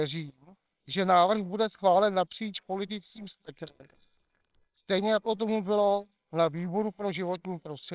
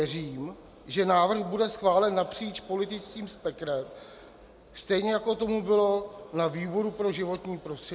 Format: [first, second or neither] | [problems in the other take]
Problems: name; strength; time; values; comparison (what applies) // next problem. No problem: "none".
second | noise reduction (neural separator model SepFormer WHAMR!)